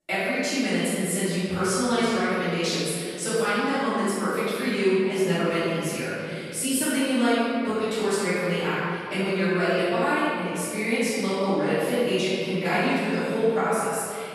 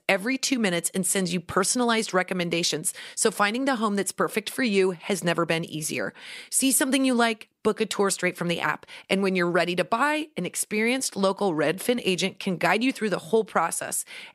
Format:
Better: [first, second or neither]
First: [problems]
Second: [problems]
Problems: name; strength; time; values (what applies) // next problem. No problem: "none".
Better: second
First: off-mic speech; far // room echo; strong; dies away in 2.4 s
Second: none